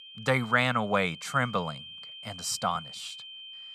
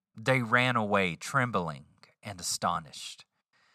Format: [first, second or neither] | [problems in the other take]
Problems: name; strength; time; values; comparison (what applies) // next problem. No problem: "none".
second | high-pitched whine; noticeable; throughout; 3 kHz, 15 dB below the speech